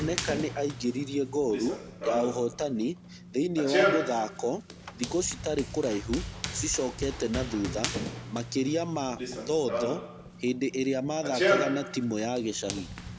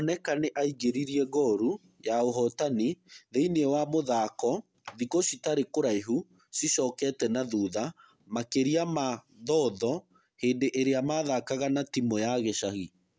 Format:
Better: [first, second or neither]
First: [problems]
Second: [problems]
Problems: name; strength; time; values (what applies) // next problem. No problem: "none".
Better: second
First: background sound (Run); 3 dB below the speech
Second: none